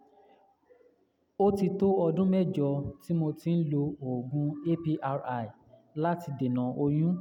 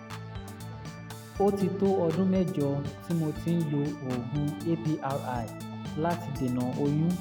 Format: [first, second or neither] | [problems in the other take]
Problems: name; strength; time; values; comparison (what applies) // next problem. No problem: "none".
first | background sound (Organ); 10 dB below the speech